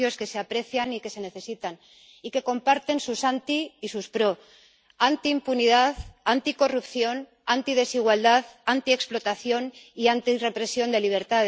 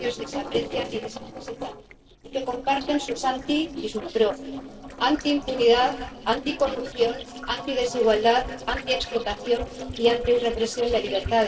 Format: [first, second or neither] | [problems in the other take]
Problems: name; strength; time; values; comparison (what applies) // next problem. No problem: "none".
first | noise reduction (neural separator model SepFormer DNS4)